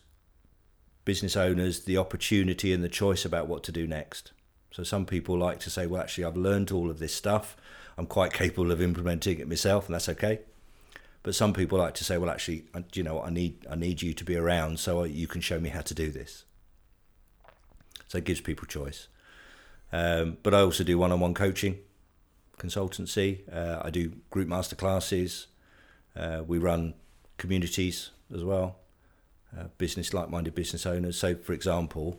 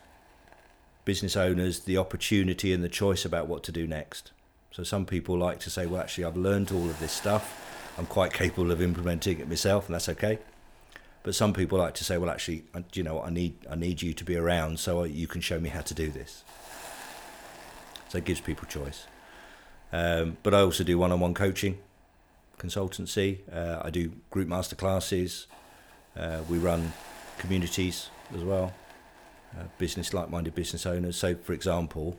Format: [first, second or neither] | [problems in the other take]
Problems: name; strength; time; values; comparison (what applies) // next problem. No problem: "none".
first | hiss; noticeable; throughout; 20 dB below the speech